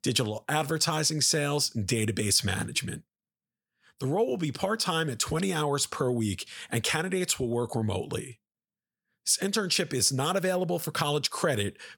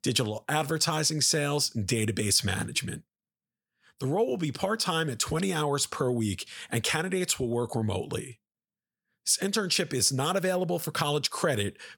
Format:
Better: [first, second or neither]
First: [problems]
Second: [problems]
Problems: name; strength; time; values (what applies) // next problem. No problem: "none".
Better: neither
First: none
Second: none